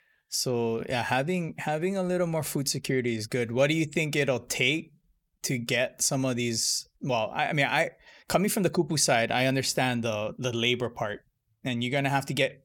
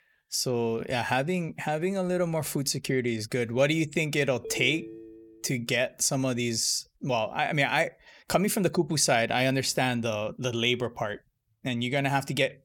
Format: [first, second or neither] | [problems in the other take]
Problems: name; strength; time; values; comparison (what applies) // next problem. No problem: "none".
first | phone ringing; faint; at 4.5 s; peak 10 dB below the speech